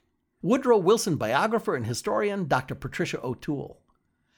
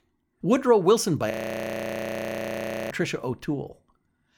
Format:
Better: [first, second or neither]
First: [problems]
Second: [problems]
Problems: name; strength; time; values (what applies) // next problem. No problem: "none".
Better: first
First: none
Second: audio freezing; at 1.5 s for 1.5 s